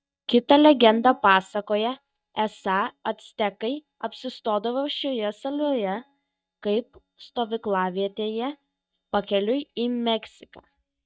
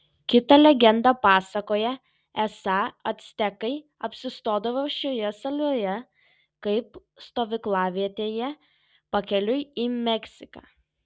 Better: second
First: noise reduction (neural mask model DeepFilterNet 3)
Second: none

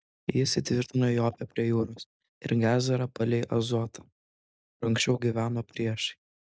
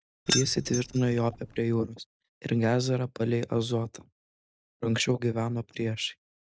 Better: first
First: none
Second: background sound (Keys jangling); 5 dB below the speech

